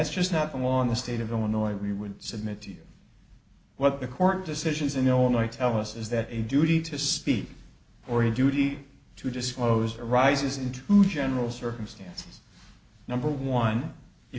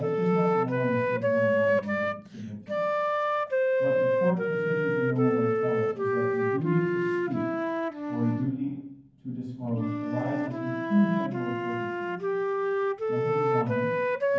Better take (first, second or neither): first